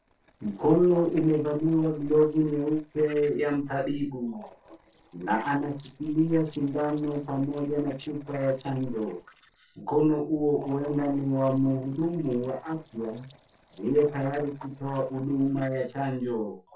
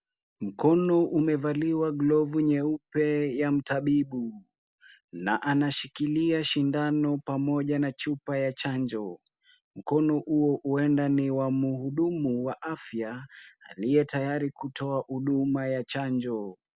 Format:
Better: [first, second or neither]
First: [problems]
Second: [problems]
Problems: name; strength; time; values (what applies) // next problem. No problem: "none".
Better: second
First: noise reduction (neural separator model SepFormer DNS4)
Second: none